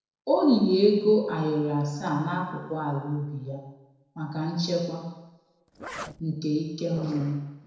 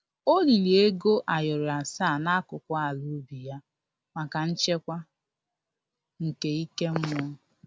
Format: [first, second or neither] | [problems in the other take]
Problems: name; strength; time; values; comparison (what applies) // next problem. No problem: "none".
second | noise reduction (neural separator model SepFormer DNS4)